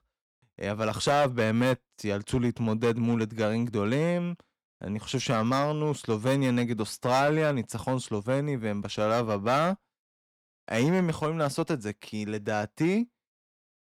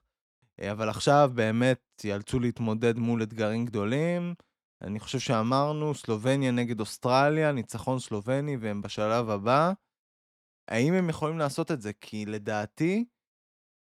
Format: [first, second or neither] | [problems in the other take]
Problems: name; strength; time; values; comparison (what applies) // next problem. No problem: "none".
second | distortion; slight; 4% of the sound clipped